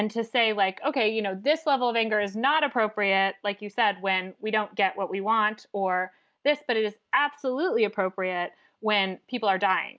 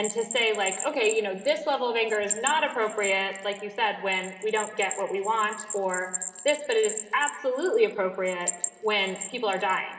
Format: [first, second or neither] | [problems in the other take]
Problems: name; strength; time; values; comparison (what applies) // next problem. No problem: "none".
first | background sound (Bell); 9 dB below the speech // room echo; dies away in 3 s